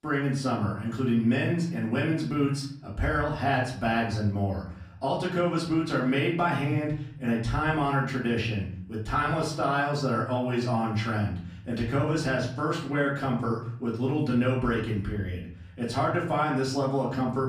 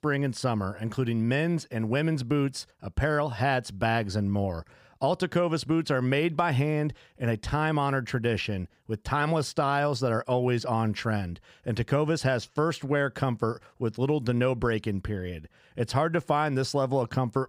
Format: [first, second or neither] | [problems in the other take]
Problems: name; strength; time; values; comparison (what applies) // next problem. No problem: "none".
second | off-mic speech; far // room echo; slight; dies away in 0.6 s